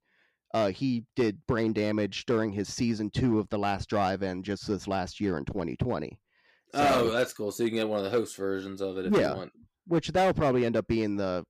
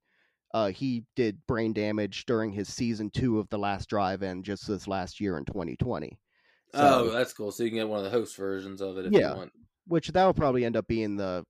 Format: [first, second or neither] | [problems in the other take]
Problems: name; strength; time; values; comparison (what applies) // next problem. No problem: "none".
second | distortion; slight; 4% of the sound clipped